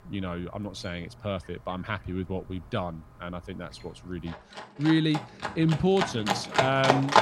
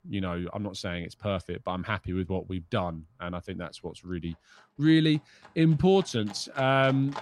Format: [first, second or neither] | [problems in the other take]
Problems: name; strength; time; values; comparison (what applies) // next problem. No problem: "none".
second | animal sounds; loud; throughout; as loud as the speech; faint in the second